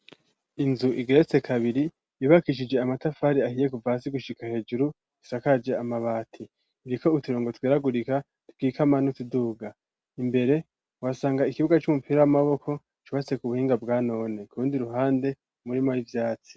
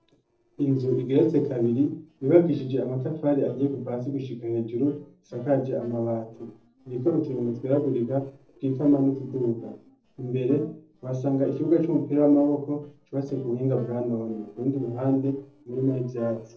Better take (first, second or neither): first